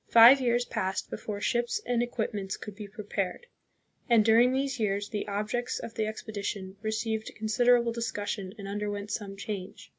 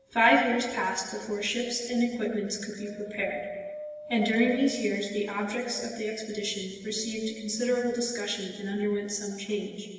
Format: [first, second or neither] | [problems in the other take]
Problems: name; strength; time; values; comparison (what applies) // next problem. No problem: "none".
first | background sound (Wind); 17 dB below the speech // room echo; dies away in 1.2 s